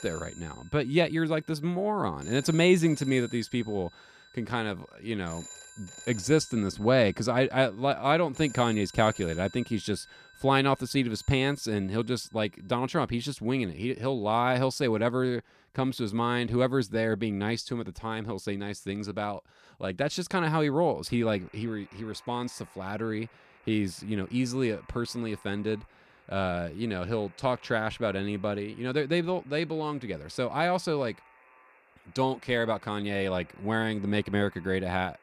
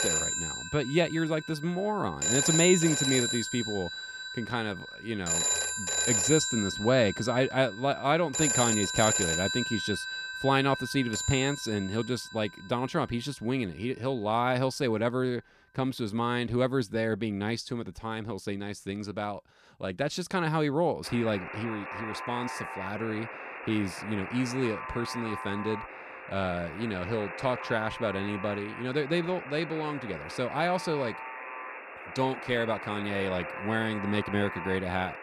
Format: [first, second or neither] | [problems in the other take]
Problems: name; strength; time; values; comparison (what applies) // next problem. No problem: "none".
first | alarms or sirens; loud; throughout; 3 dB below the speech; faint in the first